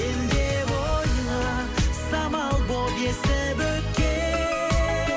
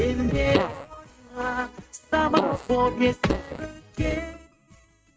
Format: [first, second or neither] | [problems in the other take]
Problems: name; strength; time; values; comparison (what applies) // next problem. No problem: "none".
first | noise reduction (neural mask model RNNoise)